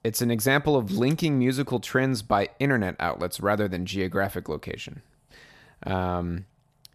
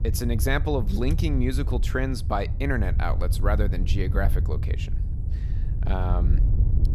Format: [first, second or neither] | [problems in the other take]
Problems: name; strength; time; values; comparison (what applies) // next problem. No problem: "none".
first | wind noise on the microphone; occasional gusts; 10 dB below the speech